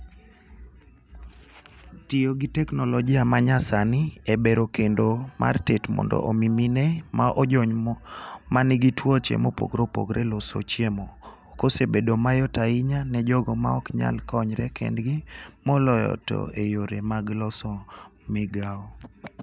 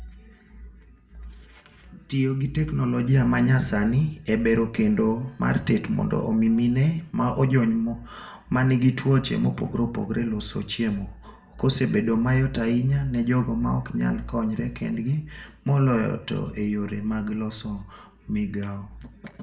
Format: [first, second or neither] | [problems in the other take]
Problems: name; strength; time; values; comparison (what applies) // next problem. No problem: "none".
first | room echo; dies away in 0.4 s